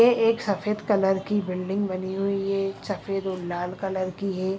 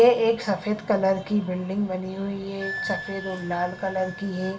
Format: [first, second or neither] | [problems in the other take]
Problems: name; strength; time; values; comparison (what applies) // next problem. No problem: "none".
first | background sound (Wind instrument, woodwind instrument); 15 dB below the speech // room echo; dies away in 0.2 s